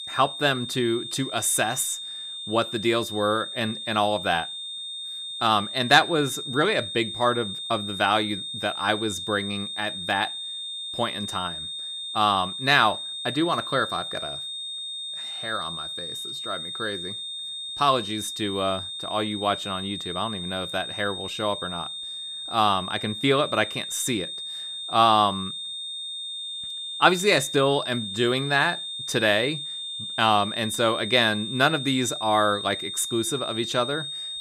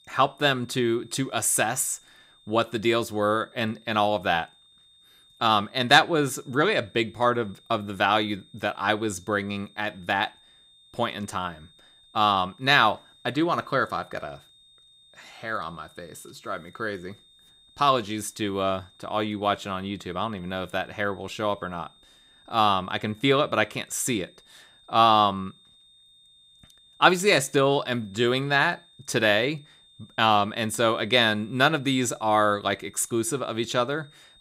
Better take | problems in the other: second | high-pitched whine; loud; throughout; 3.5 kHz, 7 dB below the speech; faint in the second

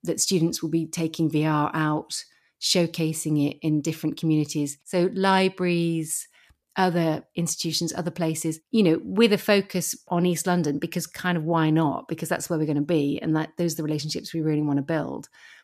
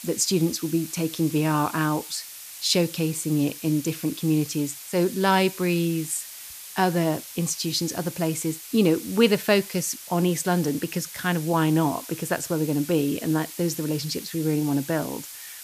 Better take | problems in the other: first | hiss; noticeable; throughout; 10 dB below the speech

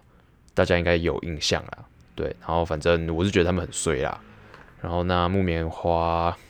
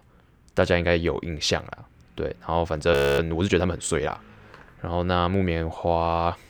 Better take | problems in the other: first | audio freezing; at 3 s

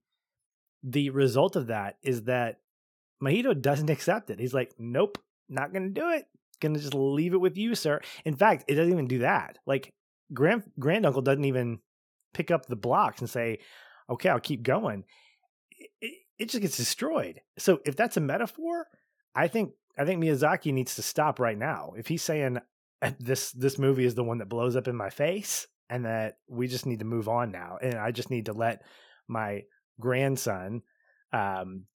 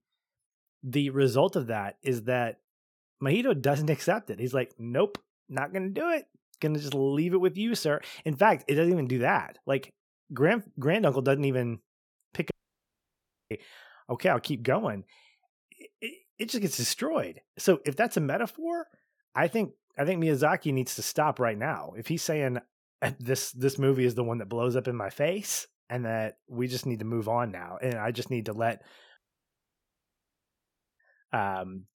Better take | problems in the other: first | audio cutting out; at 13 s for 1 s and at 29 s for 2 s

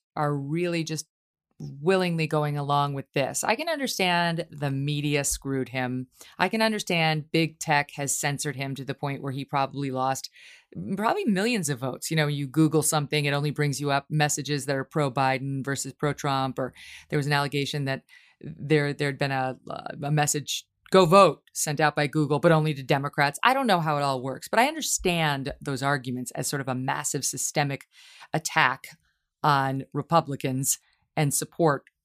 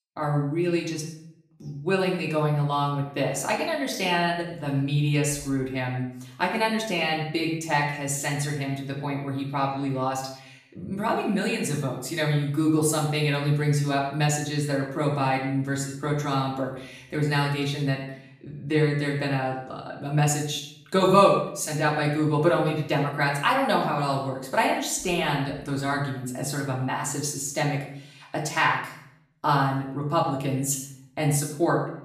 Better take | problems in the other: first | off-mic speech; far // room echo; noticeable; dies away in 0.6 s

